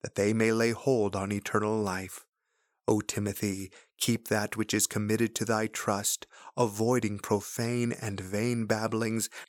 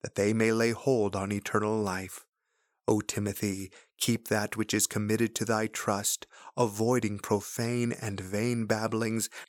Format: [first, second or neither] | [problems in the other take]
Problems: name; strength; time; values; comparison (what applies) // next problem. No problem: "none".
neither | none